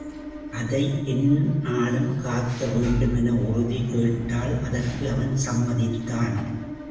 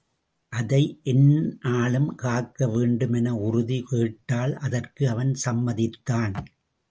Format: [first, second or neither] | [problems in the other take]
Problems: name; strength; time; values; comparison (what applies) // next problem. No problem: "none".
second | background sound (Engine / Mechanisms); 10 dB below the speech // room echo; dies away in 1 s